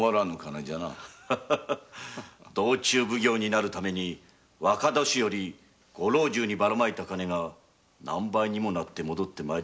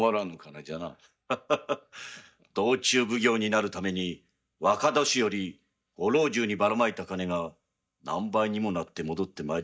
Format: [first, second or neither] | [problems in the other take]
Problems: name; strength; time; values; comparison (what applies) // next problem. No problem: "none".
first | noise reduction (neural mask model DeepFilterNet 3)